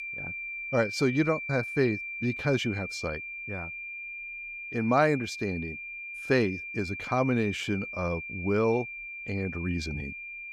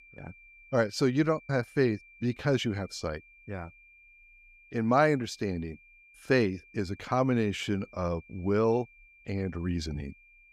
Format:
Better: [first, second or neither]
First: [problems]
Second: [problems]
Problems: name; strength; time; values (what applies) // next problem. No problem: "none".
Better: second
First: high-pitched whine; loud; throughout; 2.5 kHz, 7 dB below the speech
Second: high-pitched whine; faint; throughout; 2.5 kHz, 25 dB below the speech